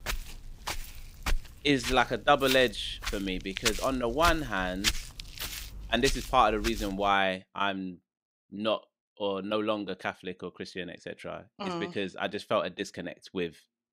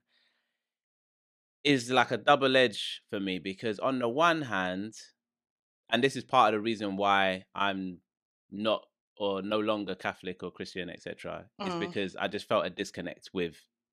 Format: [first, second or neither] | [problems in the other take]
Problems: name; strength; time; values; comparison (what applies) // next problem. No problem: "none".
second | footsteps; loud; until 7 s; peak level with the speech